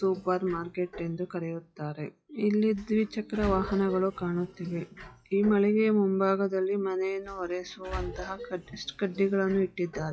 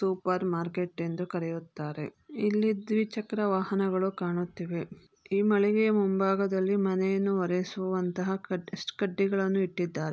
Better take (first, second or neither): second